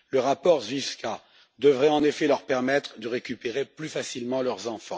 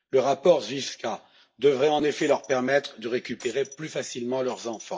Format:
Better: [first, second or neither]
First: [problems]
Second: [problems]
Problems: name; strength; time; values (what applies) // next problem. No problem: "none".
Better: first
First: none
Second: noise reduction (neural mask model DeepFilterNet 3)